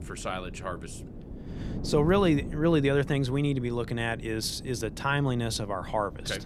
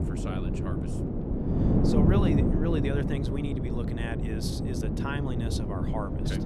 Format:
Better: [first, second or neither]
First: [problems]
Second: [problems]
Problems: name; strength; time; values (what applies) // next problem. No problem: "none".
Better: first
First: wind noise on the microphone; occasional gusts; 20 dB below the speech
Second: wind noise on the microphone; heavy; 1 dB above the speech